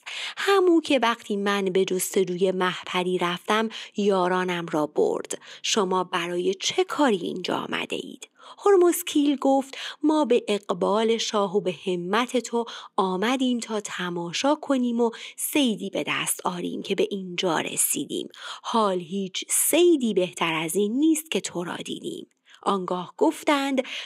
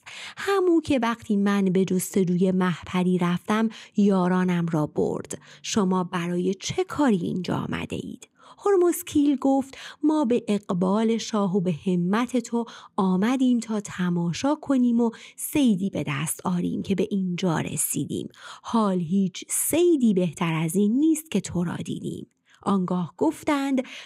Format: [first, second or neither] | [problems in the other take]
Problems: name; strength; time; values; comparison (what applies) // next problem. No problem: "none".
second | thin; somewhat; fading below 400 Hz